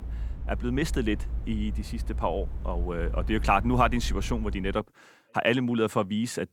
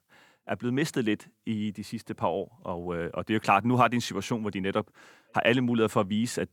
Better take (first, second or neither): second